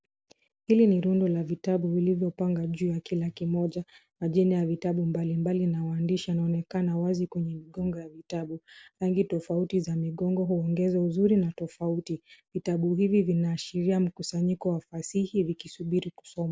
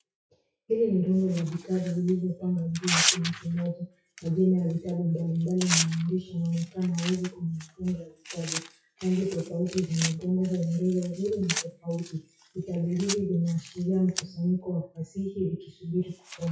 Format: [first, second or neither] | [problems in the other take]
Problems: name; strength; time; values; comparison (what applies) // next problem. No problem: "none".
first | noise reduction (classical method WPE with log-MMSE)